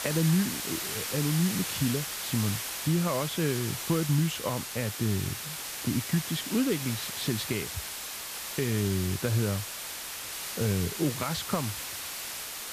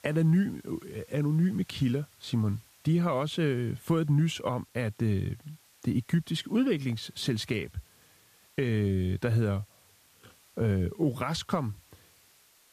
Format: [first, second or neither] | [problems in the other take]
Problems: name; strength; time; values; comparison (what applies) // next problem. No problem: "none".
second | hiss; loud; throughout; 4 dB below the speech; faint in the second